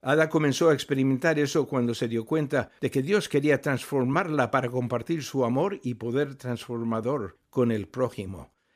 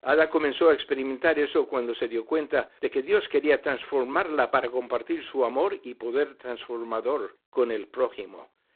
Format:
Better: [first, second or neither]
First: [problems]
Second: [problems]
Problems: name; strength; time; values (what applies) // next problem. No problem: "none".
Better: first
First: none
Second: phone-call audio; poor line; nothing above 3.5 kHz